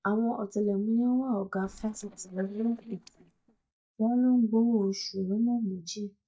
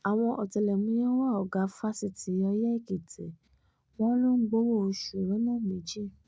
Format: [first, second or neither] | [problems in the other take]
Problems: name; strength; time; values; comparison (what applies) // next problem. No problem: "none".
second | noise reduction (neural mask model DeepFilterNet 3)